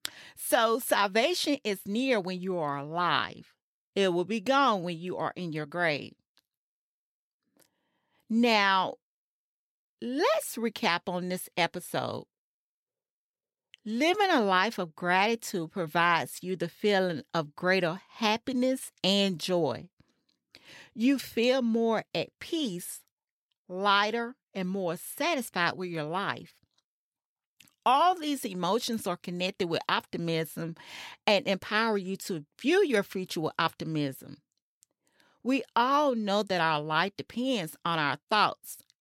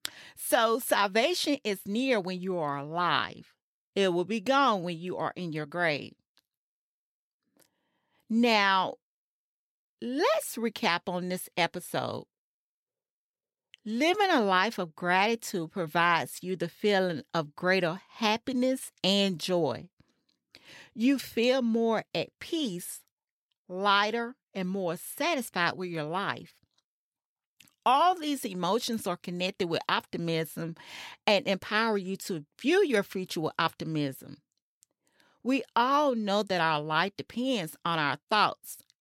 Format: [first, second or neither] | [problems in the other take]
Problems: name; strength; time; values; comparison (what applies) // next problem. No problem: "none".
neither | none